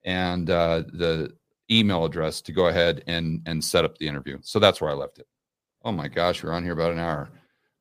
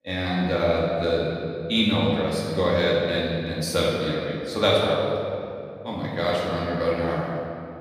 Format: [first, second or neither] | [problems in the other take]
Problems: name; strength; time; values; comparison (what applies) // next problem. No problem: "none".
first | room echo; strong; dies away in 2.2 s // off-mic speech; far